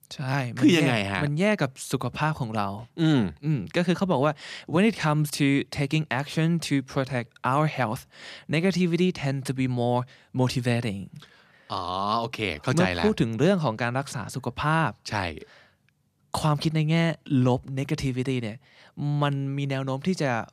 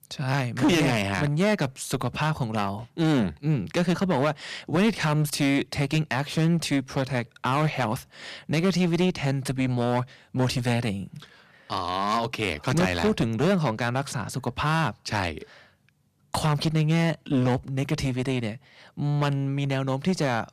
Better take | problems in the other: first | distortion; slight; 10% of the sound clipped

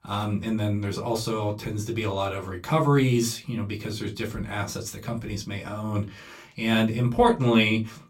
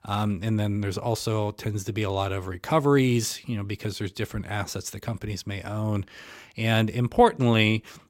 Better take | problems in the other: second | off-mic speech; somewhat distant // room echo; very slight; dies away in 0.2 s

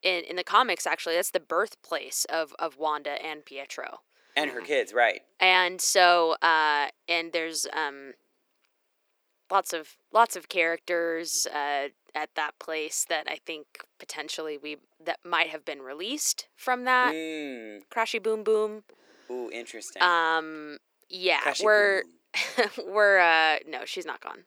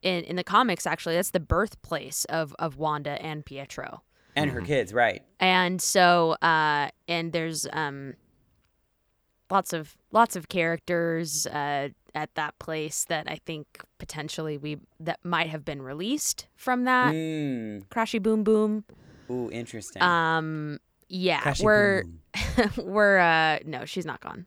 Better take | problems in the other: second | thin; somewhat; fading below 350 Hz

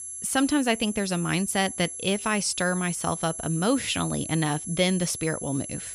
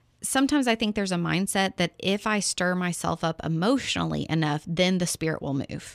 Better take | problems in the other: second | high-pitched whine; loud; throughout; 11 kHz, 8 dB below the speech

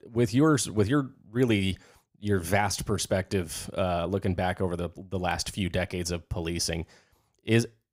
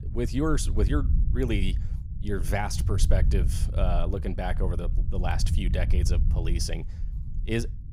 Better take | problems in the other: first | low rumble; noticeable; throughout; 10 dB below the speech

